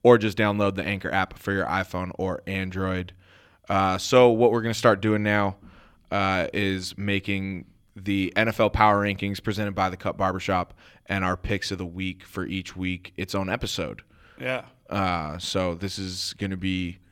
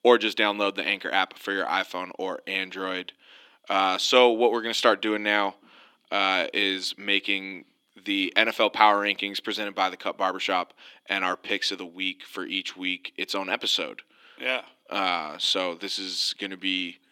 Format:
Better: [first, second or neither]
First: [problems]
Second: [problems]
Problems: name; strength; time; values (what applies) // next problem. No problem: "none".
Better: first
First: none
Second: thin; somewhat; fading below 300 Hz